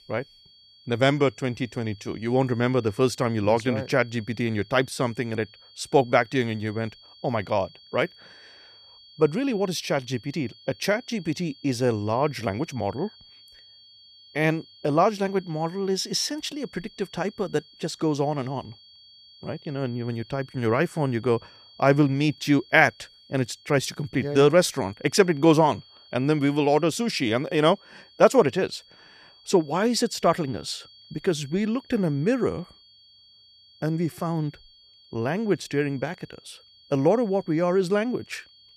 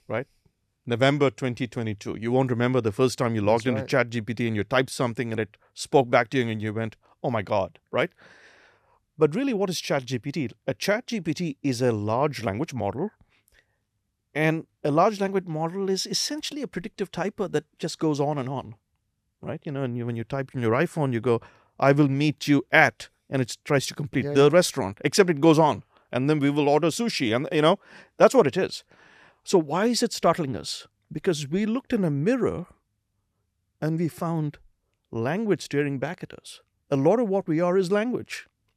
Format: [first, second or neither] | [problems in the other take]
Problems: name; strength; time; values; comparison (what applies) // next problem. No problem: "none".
second | high-pitched whine; faint; throughout; 4.5 kHz, 25 dB below the speech